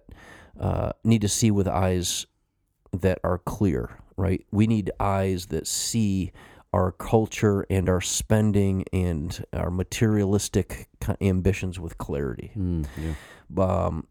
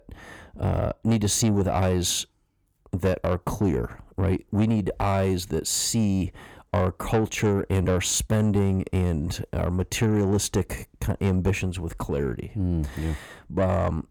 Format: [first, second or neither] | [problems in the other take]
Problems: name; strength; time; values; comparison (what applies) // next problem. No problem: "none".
first | distortion; slight; 10 dB below the speech